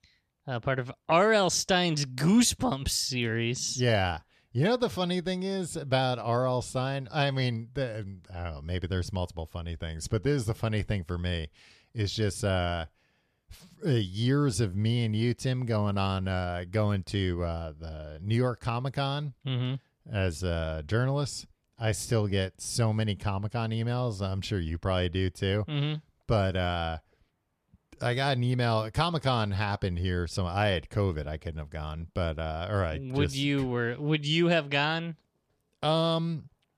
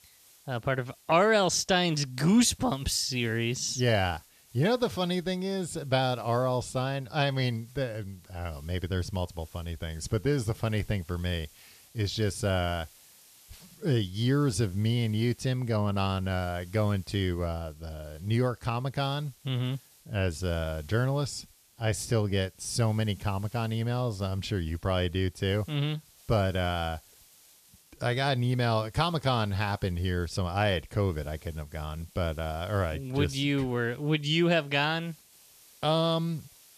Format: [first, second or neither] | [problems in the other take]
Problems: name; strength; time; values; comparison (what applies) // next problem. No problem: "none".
first | hiss; faint; throughout; 25 dB below the speech